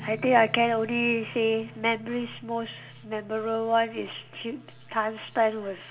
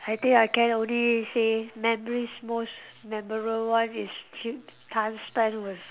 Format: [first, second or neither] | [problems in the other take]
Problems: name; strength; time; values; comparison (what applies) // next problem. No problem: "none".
second | background sound (Guitar); 20 dB below the speech // room echo; dies away in 0.5 s